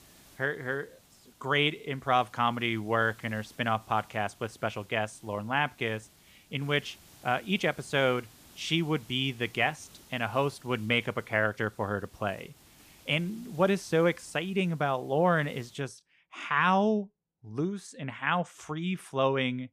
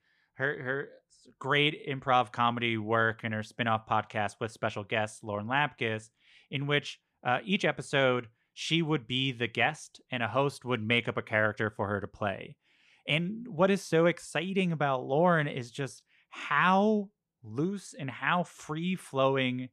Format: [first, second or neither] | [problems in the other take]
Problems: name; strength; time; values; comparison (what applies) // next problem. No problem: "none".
second | hiss; faint; until 16 s; 25 dB below the speech